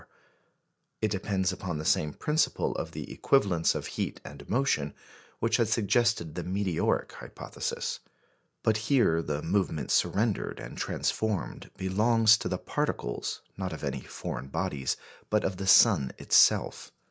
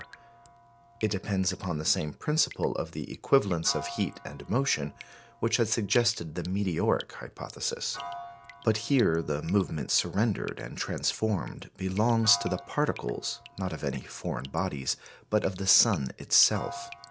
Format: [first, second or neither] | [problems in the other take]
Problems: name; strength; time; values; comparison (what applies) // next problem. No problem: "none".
first | background sound (Piano + Drip); 17 dB below the speech